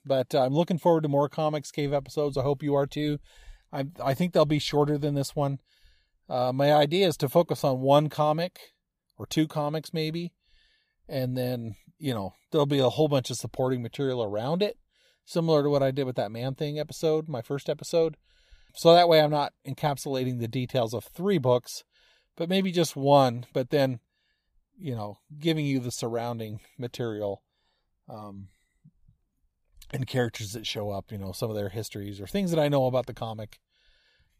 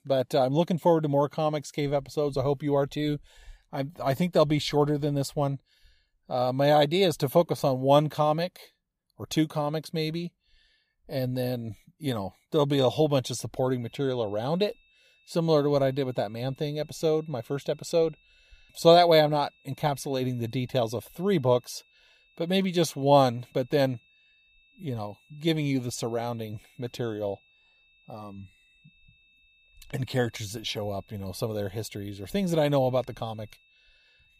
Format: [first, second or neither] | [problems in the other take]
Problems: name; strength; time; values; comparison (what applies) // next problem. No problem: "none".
first | high-pitched whine; faint; from 14 s on; 2.5 kHz, 35 dB below the speech